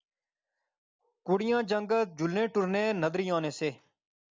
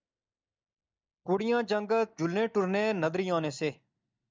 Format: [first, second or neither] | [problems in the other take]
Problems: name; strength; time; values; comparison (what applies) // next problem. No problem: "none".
first | noise reduction (neural mask model DeepFilterNet 3)